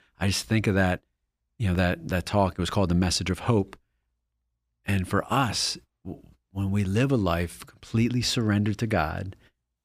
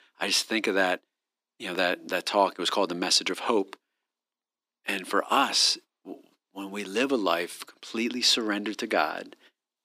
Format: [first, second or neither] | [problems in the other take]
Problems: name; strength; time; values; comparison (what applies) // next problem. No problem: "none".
first | thin; somewhat; fading below 250 Hz